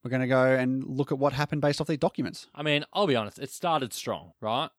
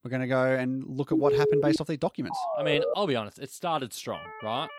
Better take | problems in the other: first | siren; loud; at 1 s and at 2.5 s; peak 6 dB above the speech // siren; faint; at 4 s; peak 10 dB below the speech

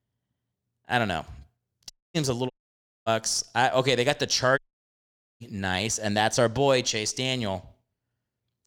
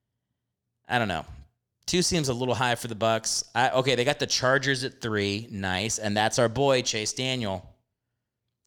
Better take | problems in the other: second | audio cutting out; at 2 s, at 2.5 s for 0.5 s and at 4.5 s for 1 s

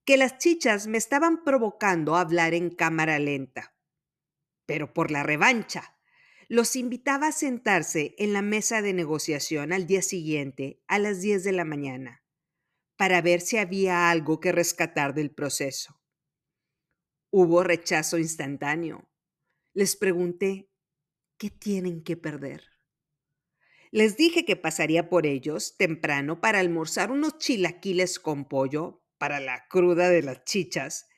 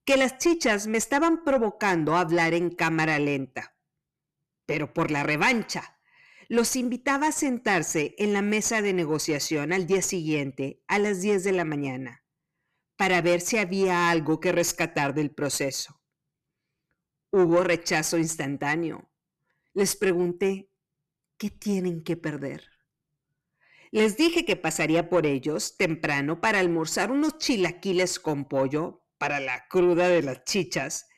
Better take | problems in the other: first | distortion; slight; 10 dB below the speech

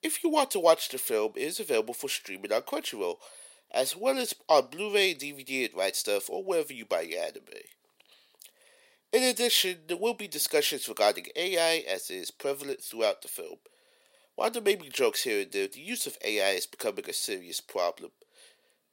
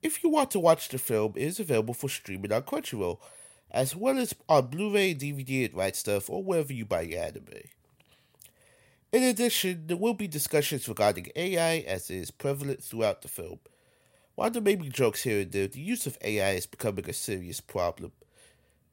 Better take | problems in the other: second | thin; somewhat; fading below 350 Hz

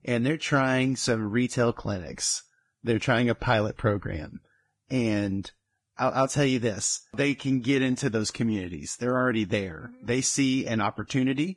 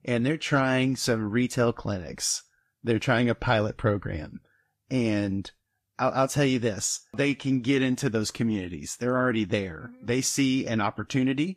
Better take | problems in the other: second | garbled, watery; badly; nothing above 10 kHz; slightly in the second

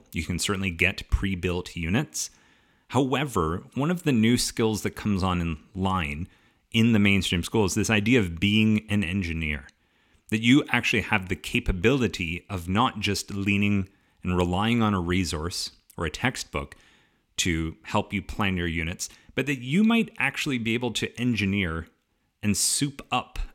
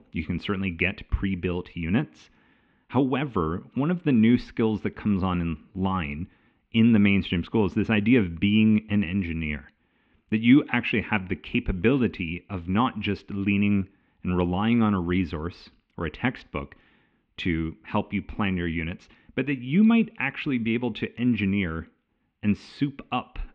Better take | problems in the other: first | muffled; very; fading above 3 kHz

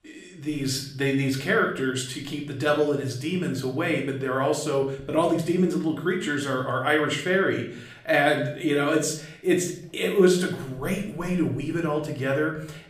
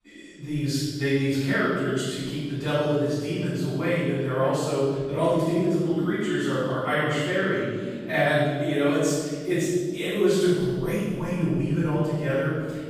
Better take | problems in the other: first | room echo; strong; dies away in 1.8 s; slight in the first // off-mic speech; far; somewhat distant in the first

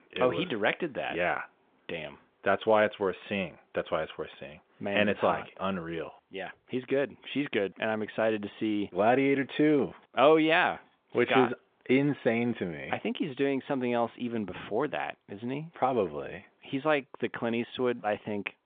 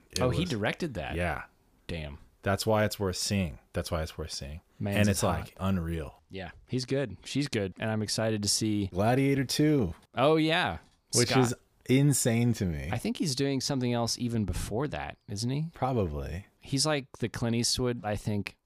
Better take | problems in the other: second | phone-call audio

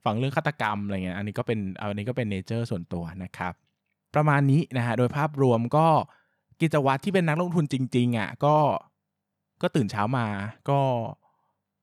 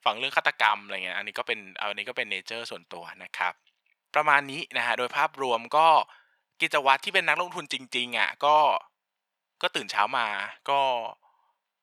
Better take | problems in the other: first | thin; very; fading below 700 Hz

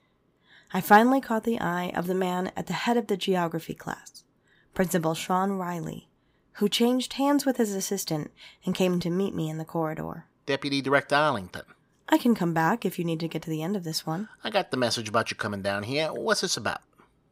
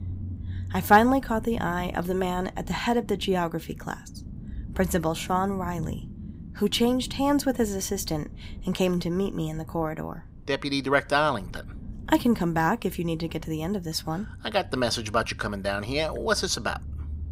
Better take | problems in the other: first | low rumble; faint; throughout; 25 dB below the speech

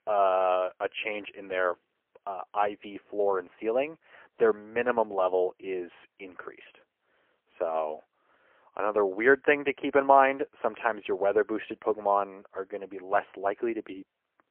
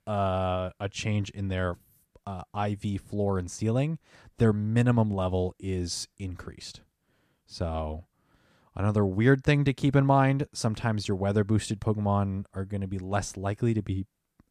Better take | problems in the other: second | phone-call audio; poor line; nothing above 3 kHz

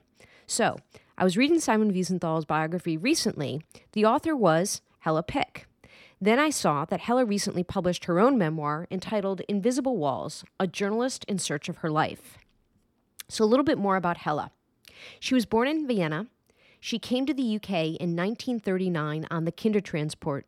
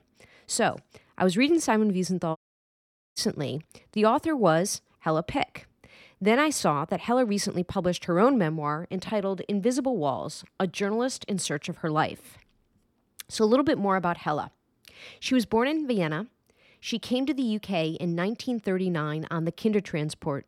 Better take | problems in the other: first | audio cutting out; at 2.5 s for 1 s

